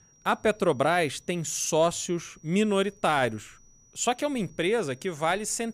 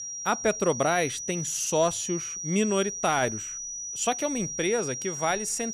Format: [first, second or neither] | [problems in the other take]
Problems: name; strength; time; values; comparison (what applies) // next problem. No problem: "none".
first | high-pitched whine; loud; throughout; 5.5 kHz, 5 dB below the speech; faint in the first